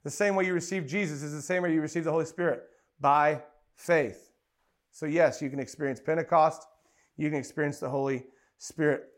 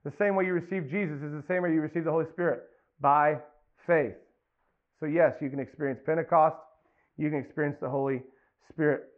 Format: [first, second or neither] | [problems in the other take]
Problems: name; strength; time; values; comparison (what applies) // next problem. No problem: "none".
first | muffled; very; fading above 2 kHz